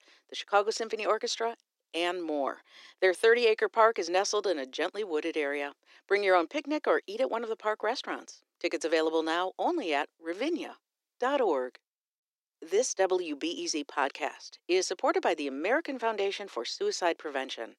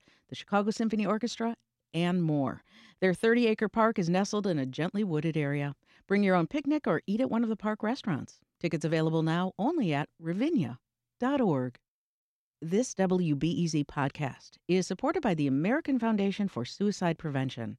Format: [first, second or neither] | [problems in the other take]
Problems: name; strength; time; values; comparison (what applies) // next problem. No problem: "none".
second | thin; very; fading below 350 Hz